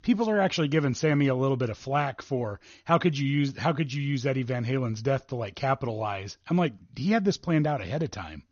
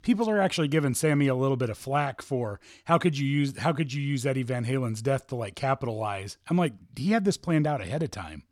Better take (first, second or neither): second